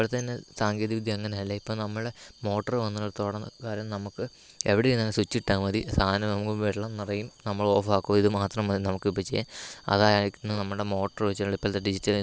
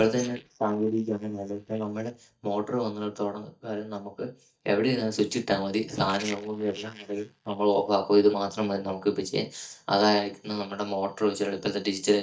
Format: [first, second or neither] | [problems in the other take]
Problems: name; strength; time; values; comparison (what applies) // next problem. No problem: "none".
first | noise reduction (neural mask model DeepFilterNet 3)